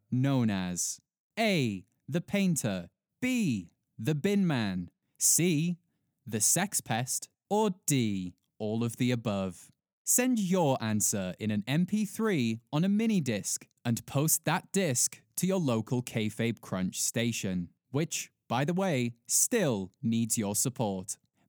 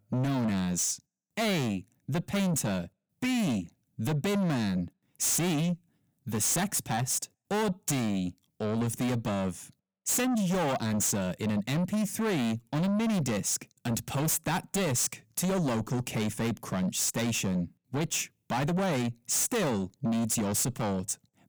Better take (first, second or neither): first